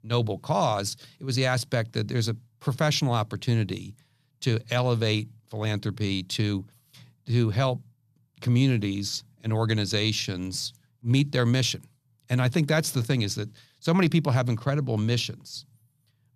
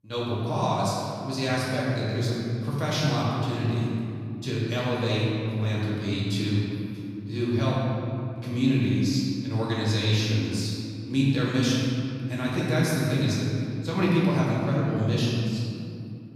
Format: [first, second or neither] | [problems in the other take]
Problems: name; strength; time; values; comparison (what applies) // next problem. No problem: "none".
first | room echo; strong; dies away in 2.5 s // off-mic speech; far